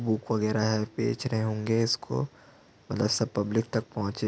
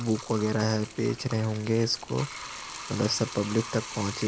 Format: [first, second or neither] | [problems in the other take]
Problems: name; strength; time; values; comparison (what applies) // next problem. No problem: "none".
first | background sound (Bathtub (filling or washing)); 12 dB below the speech